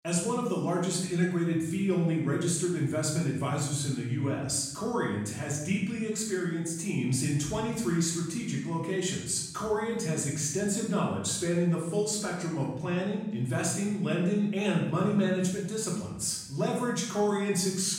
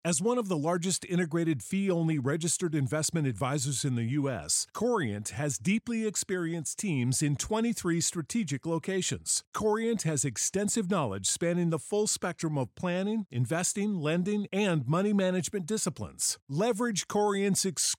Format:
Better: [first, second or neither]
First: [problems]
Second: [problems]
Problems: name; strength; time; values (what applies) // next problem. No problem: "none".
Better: second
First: room echo; noticeable; dies away in 0.8 s // off-mic speech; far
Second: none